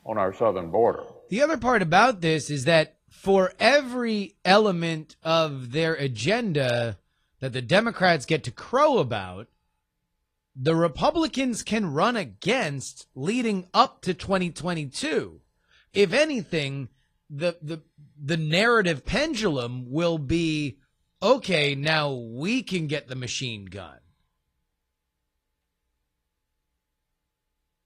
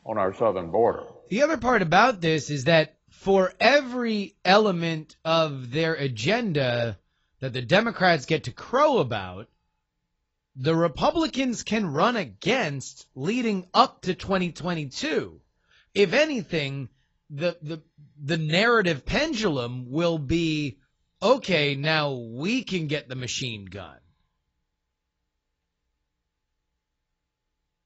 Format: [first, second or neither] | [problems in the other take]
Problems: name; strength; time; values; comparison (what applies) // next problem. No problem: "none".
first | garbled, watery; badly; nothing above 7.5 kHz; slightly in the first